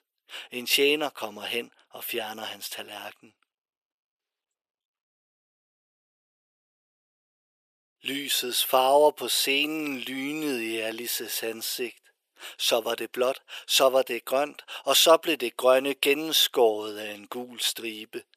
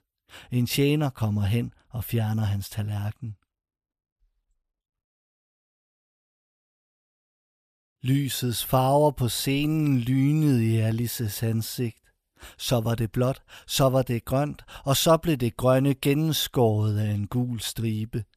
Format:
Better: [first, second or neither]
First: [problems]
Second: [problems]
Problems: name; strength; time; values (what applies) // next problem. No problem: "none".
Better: second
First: thin; very; fading below 400 Hz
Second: none